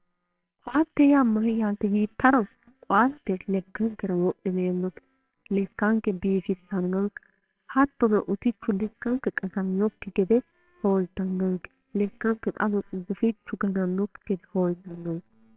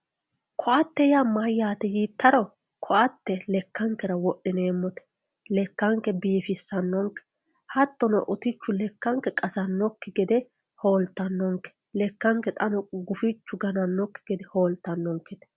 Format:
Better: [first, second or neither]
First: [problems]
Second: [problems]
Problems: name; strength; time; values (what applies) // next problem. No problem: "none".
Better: second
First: noise reduction (neural separator model SepFormer WHAMR!)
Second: none